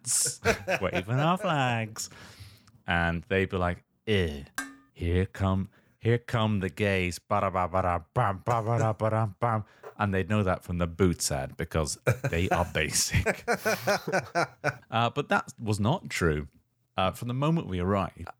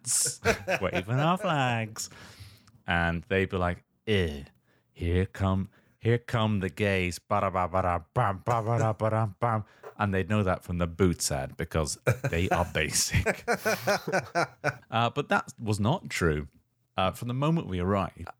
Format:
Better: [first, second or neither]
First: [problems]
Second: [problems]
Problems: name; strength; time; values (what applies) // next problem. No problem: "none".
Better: second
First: clattering dishes; noticeable; at 4.5 s; peak 10 dB below the speech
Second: none